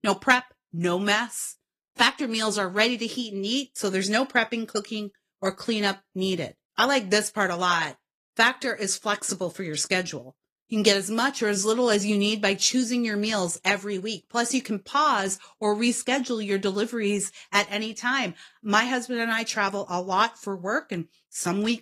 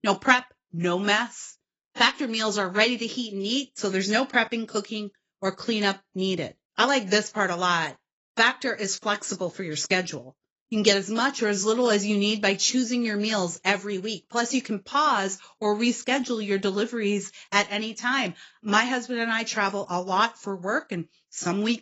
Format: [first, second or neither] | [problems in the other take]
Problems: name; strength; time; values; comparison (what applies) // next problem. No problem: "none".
first | garbled, watery; badly; nothing above 7.5 kHz; slightly in the first